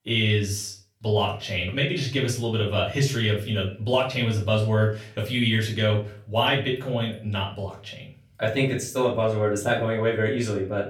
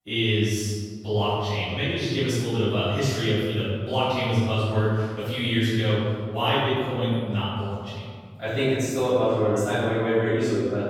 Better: first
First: room echo; slight; dies away in 0.4 s // off-mic speech; far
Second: room echo; strong; dies away in 1.7 s // off-mic speech; far

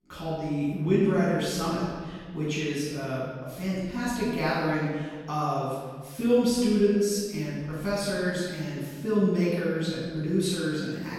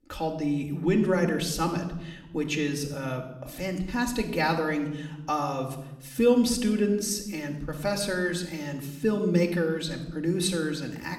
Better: second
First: room echo; strong; dies away in 1.5 s // off-mic speech; far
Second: room echo; slight; dies away in 0.9 s // off-mic speech; somewhat distant

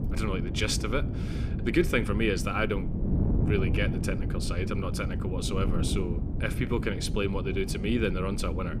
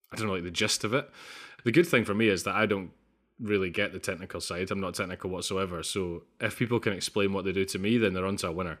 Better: second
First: wind noise on the microphone; heavy; 9 dB below the speech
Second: none

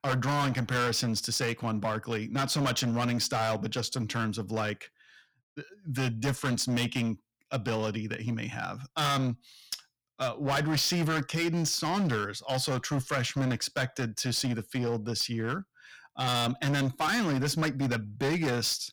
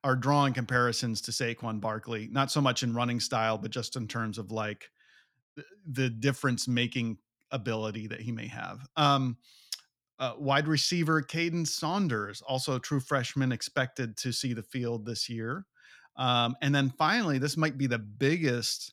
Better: second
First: distortion; heavy; 15% of the sound clipped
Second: none

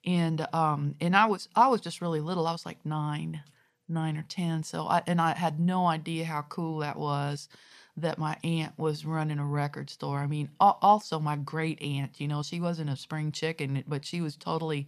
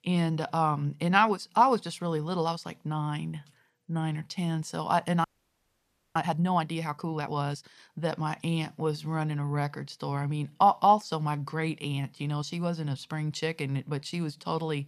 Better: first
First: none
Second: audio freezing; at 5 s for 1 s

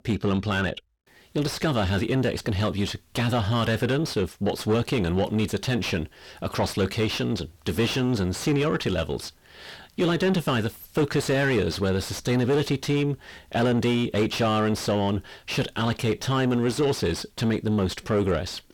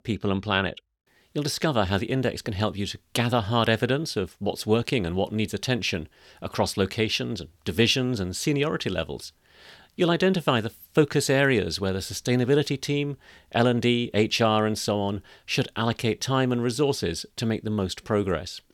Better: second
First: distortion; heavy; 7 dB below the speech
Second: none

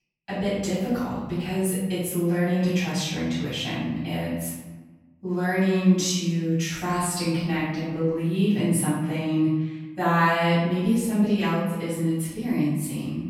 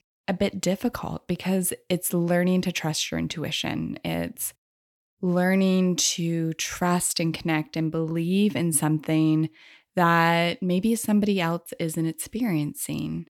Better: second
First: off-mic speech; far // room echo; strong; dies away in 1.2 s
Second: none

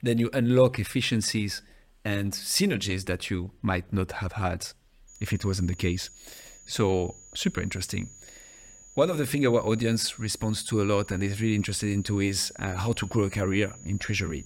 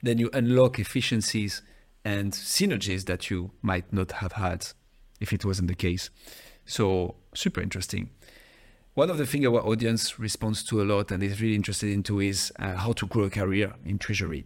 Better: second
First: high-pitched whine; faint; from 5 s on; 7 kHz, 20 dB below the speech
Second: none

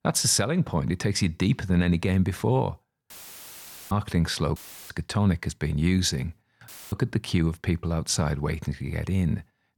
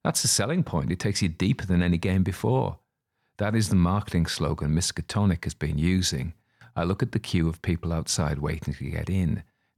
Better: second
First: audio cutting out; filled with static; at 3 s for 1 s, at 4.5 s and at 6.5 s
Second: none

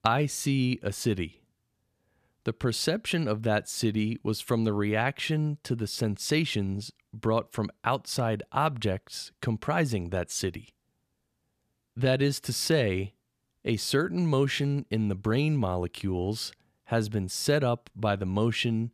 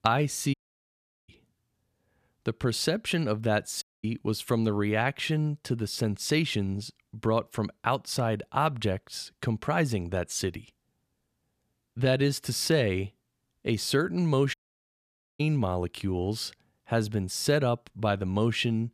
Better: first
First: none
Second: audio cutting out; at 0.5 s for 0.5 s, at 4 s and at 15 s for 1 s

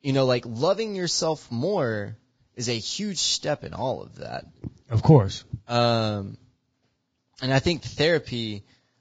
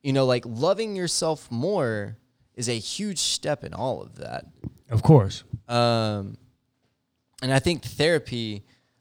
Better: second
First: garbled, watery; badly; nothing above 7.5 kHz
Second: none

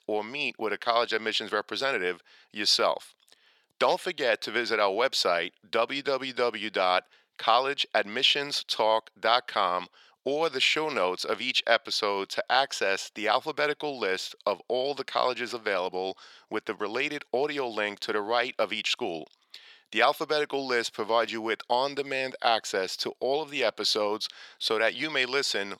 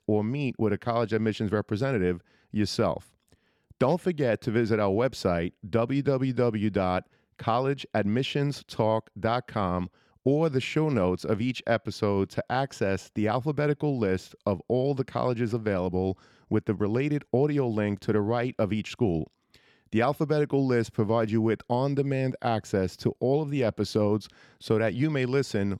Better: second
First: thin; very; fading below 700 Hz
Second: none

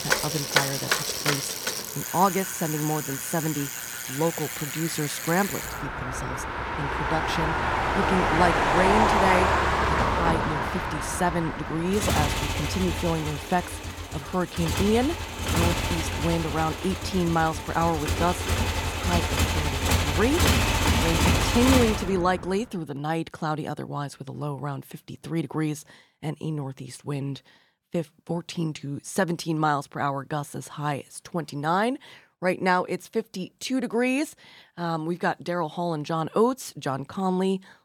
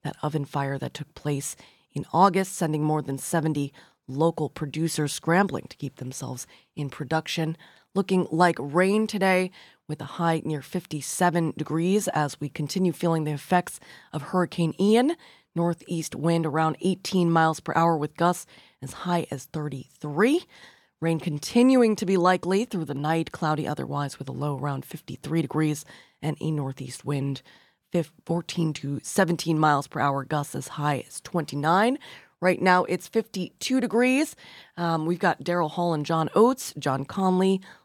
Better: second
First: traffic noise; very loud; until 22 s; 2 dB above the speech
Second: none

